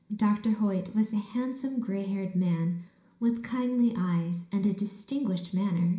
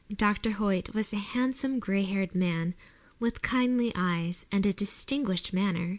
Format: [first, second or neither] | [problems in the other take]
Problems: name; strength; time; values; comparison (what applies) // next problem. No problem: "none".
second | room echo; dies away in 0.5 s